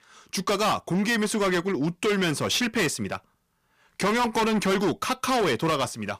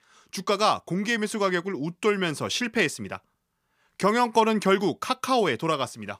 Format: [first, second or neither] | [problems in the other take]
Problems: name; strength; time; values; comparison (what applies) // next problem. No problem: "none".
second | distortion; heavy; 18% of the sound clipped